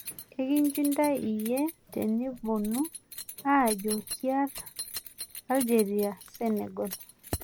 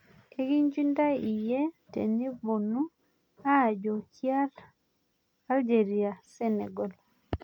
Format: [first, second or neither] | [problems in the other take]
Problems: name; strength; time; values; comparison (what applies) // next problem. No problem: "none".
second | background sound (Keys jangling); 12 dB below the speech